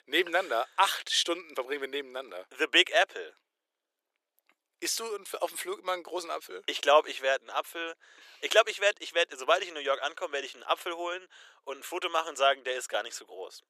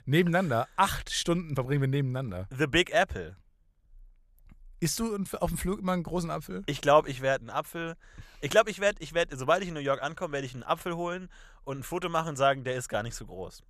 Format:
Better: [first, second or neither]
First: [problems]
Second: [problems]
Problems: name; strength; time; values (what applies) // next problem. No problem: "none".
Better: second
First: thin; very; fading below 350 Hz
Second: none